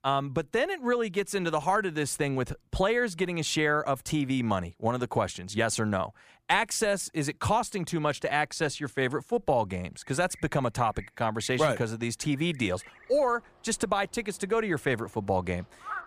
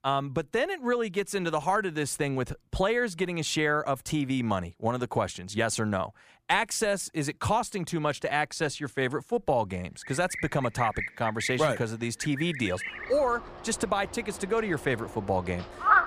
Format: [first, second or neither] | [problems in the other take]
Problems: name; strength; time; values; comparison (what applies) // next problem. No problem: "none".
first | animal sounds; loud; from 10 s on; 7 dB below the speech; faint in the first